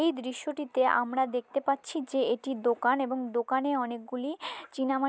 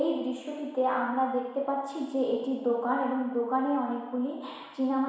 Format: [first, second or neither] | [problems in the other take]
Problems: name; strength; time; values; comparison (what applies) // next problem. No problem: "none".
first | room echo; dies away in 1.1 s